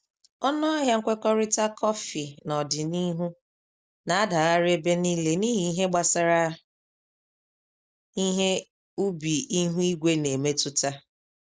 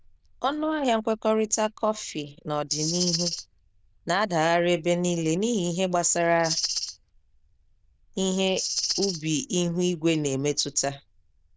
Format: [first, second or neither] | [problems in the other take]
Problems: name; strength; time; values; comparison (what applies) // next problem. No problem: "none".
first | noise reduction (neural diffusion model UNIVERSE++)